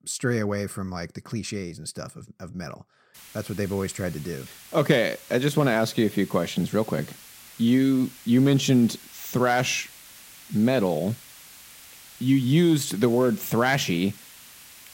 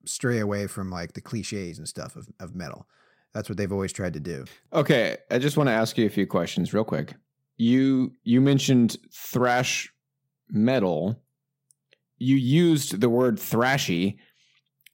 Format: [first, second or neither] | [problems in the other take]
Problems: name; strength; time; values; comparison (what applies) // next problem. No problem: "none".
second | hiss; faint; from 3 s on; 20 dB below the speech